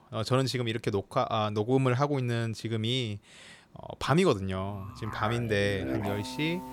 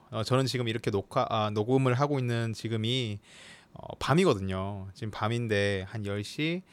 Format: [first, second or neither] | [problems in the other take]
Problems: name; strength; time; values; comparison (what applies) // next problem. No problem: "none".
second | background music; loud; from 5 s on; 9 dB below the speech